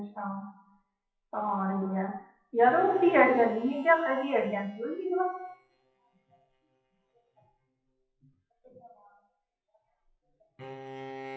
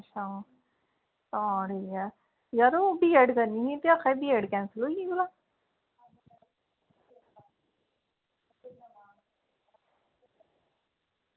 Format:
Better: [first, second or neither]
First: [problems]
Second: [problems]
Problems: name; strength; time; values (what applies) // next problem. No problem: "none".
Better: second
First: noise reduction (classical method WPE with log-MMSE)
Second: none